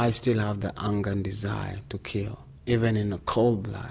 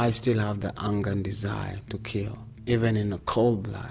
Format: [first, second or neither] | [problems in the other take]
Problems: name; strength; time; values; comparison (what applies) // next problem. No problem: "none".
first | background sound (Electric guitar); 17 dB below the speech